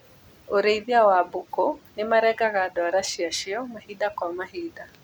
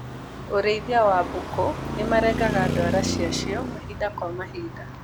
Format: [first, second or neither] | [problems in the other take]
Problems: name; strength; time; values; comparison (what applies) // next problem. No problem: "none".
first | background sound (Traffic noise, roadway noise); 3 dB below the speech